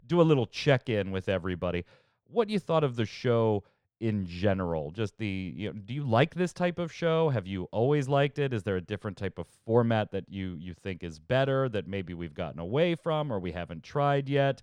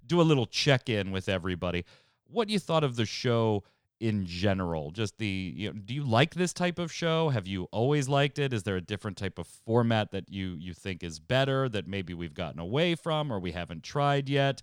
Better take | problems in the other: second | muffled; slightly; fading above 3 kHz

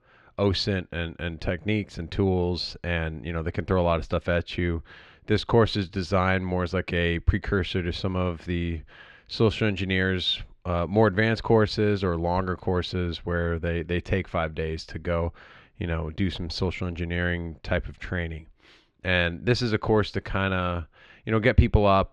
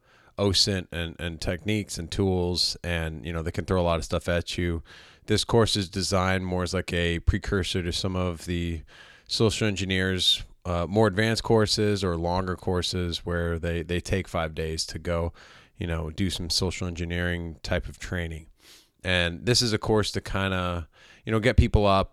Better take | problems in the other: second | muffled; slightly; fading above 2.5 kHz

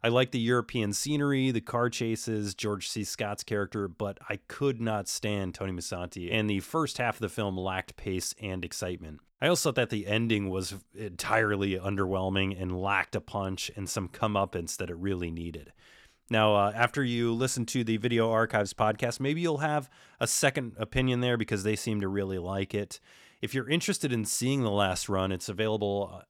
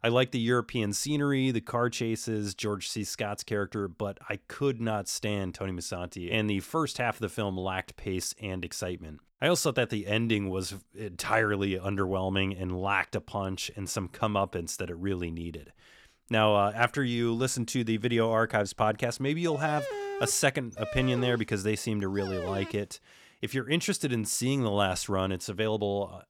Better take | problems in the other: first | dog barking; noticeable; from 19 to 23 s; peak 5 dB below the speech

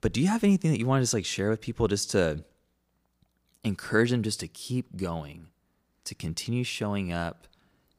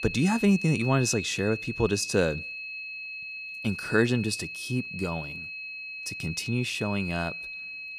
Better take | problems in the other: first | high-pitched whine; loud; throughout; 2.5 kHz, 7 dB below the speech

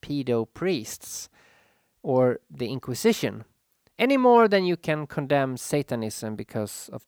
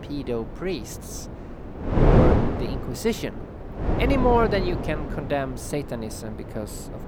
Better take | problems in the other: first | wind noise on the microphone; heavy; 1 dB below the speech

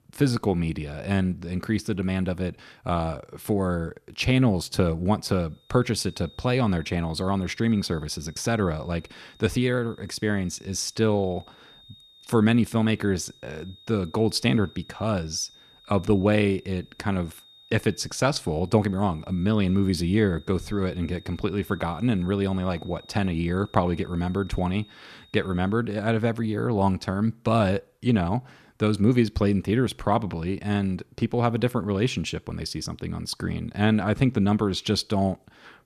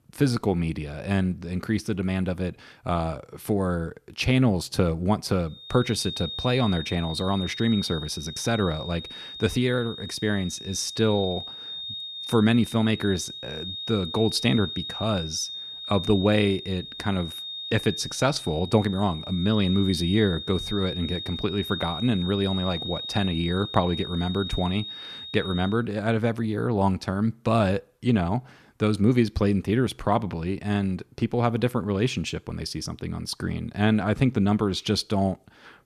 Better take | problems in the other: first | high-pitched whine; loud; from 5.5 to 26 s; 3.5 kHz, 8 dB below the speech; faint in the first

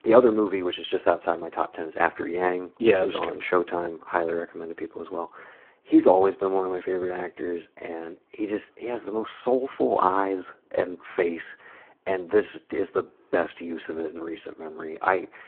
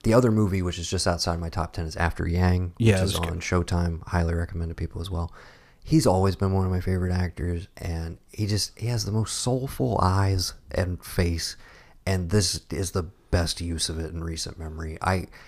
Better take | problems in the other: second | phone-call audio; poor line

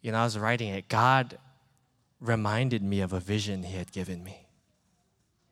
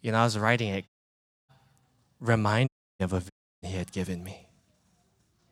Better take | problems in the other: first | audio cutting out; at 1 s for 0.5 s, at 2.5 s and at 3.5 s

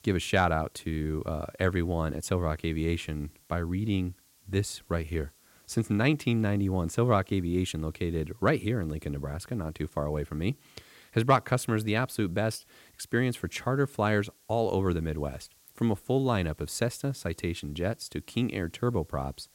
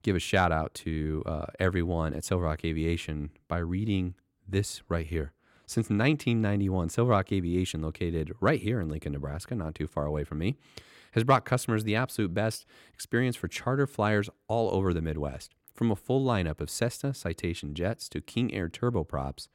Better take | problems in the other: second | hiss; faint; throughout; 30 dB below the speech

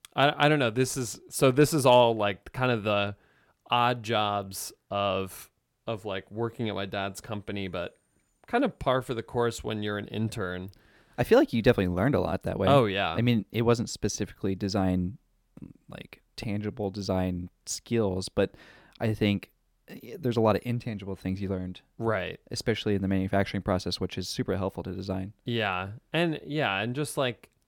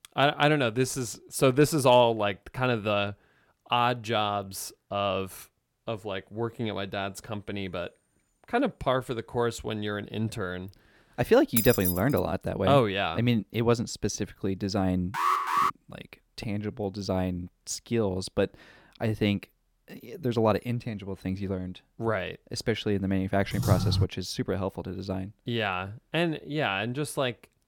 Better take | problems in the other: first | jangling keys; loud; at 12 s; peak 2 dB above the speech // alarm; loud; at 15 s; peak 4 dB above the speech // keyboard typing; loud; at 24 s; peak 3 dB above the speech

